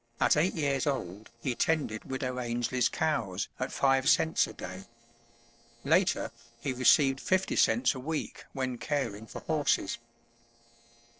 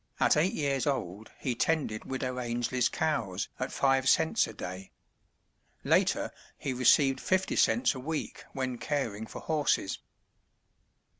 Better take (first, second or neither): second